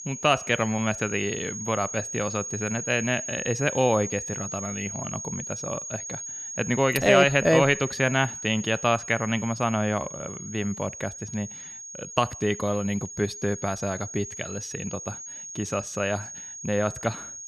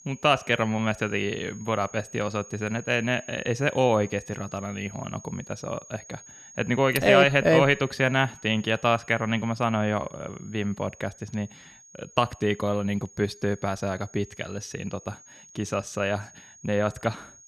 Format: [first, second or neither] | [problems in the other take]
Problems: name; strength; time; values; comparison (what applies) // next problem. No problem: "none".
second | high-pitched whine; loud; throughout; 6.5 kHz, 8 dB below the speech; faint in the second